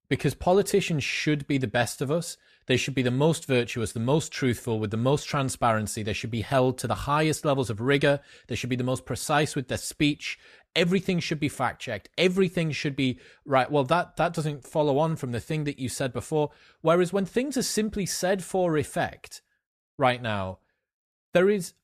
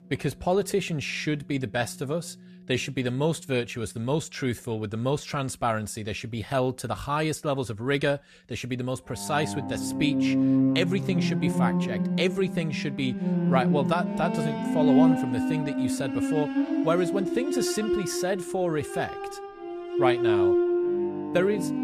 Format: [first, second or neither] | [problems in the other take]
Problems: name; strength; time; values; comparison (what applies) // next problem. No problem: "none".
first | background music; very loud; throughout; 2 dB above the speech